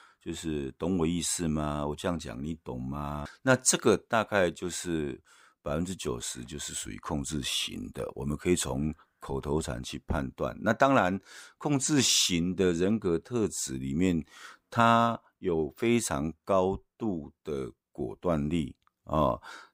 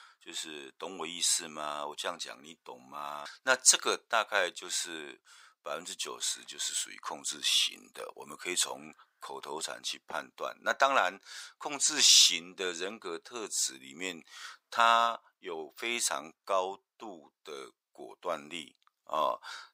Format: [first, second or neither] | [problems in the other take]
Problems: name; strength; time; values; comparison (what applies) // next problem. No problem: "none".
first | thin; very; fading below 800 Hz